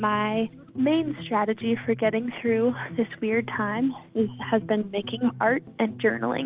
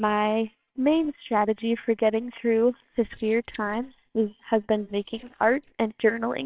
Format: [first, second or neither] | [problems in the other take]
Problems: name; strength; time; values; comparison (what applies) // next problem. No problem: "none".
first | noise reduction (neural separator model SepFormer WHAMR!)